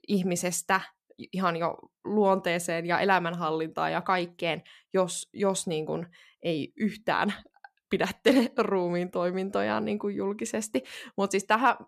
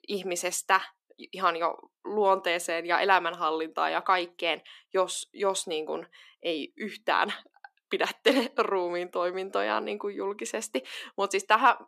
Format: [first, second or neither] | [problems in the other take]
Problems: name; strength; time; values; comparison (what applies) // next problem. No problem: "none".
first | thin; somewhat; fading below 300 Hz